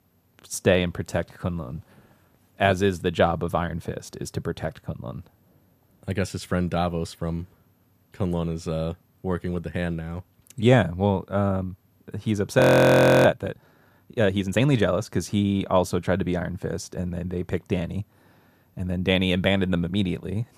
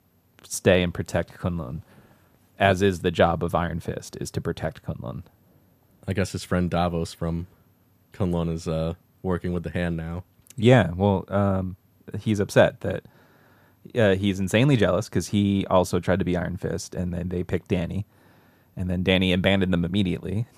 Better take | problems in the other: second | audio freezing; at 13 s for 0.5 s

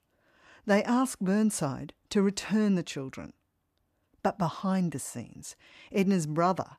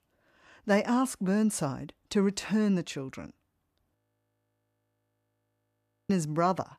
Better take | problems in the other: first | audio freezing; at 4 s for 2 s

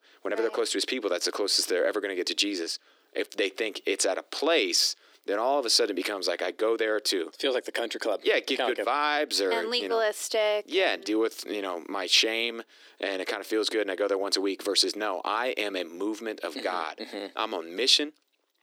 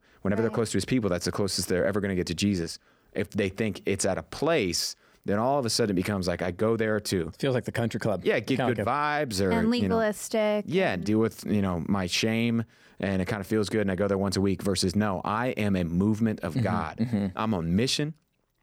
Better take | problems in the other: second | thin; somewhat; fading below 300 Hz

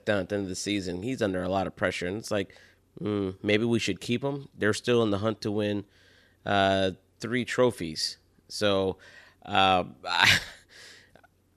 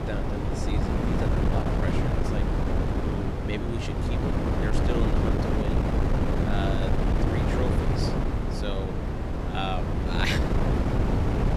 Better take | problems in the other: first | wind noise on the microphone; heavy; 3 dB above the speech

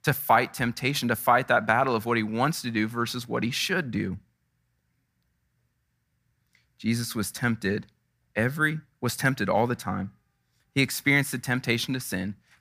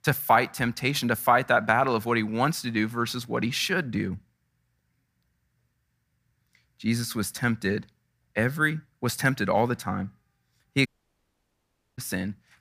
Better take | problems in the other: first | audio cutting out; at 11 s for 1 s

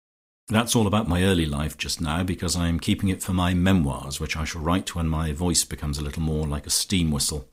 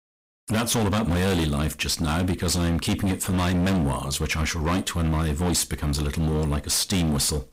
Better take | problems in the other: first | distortion; heavy; 28% of the sound clipped

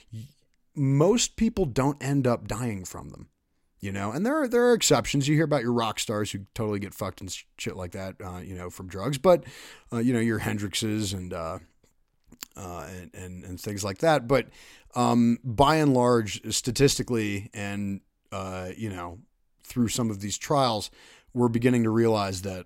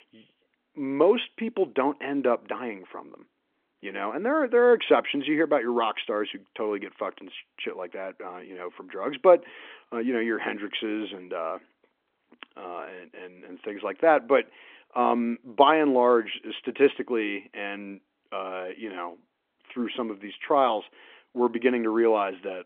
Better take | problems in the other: first | phone-call audio; nothing above 3.5 kHz

